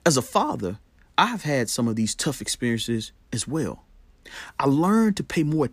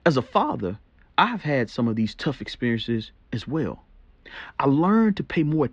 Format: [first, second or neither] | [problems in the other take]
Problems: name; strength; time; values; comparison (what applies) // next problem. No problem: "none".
first | muffled; slightly; fading above 3.5 kHz